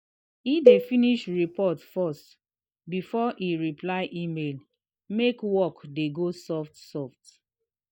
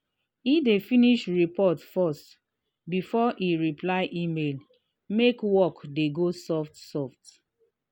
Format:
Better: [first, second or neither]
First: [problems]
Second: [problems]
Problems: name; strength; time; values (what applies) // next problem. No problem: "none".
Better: second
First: noise reduction (neural mask model DeepFilterNet 3)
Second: none